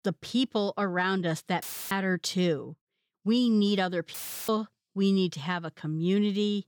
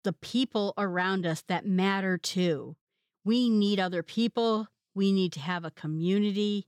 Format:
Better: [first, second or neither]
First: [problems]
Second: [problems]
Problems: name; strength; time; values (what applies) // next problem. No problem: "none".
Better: second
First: audio cutting out; filled with static; at 1.5 s and at 4 s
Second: none